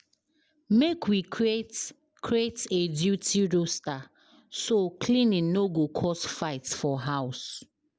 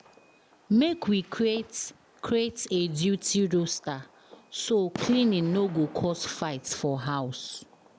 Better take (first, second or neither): first